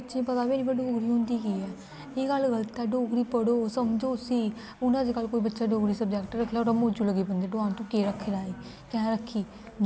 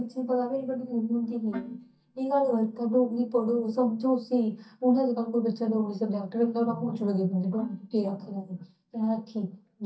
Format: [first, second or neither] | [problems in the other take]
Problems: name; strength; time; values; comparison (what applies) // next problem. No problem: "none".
first | noise reduction (neural mask model DeepFilterNet 3)